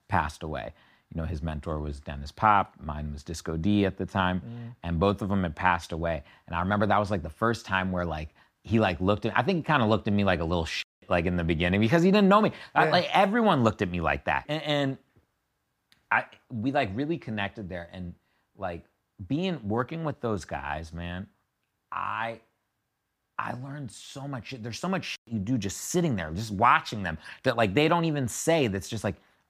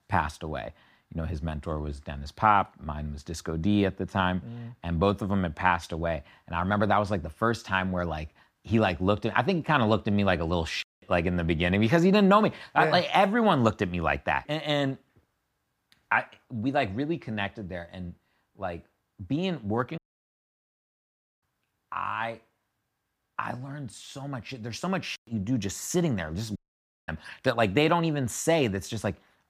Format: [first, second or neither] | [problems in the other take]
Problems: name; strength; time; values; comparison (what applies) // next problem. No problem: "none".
first | audio cutting out; at 20 s for 1.5 s and at 27 s for 0.5 s